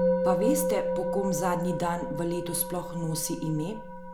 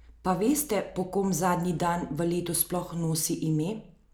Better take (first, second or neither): second